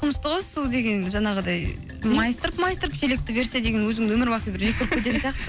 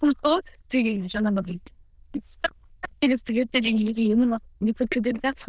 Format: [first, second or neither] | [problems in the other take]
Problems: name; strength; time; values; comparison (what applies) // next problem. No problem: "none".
first | noise reduction (neural diffusion model UNIVERSE++)